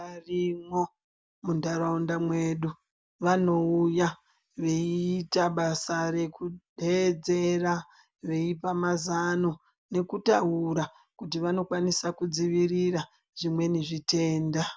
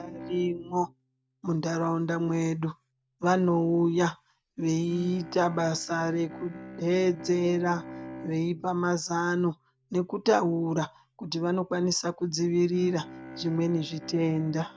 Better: first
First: none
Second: noise reduction (neural mask model RNNoise)

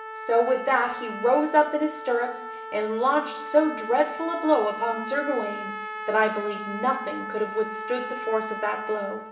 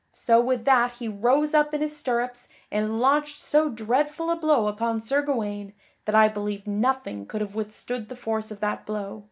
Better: second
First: background sound (Trumpet); 9 dB below the speech // room echo; dies away in 0.7 s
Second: none

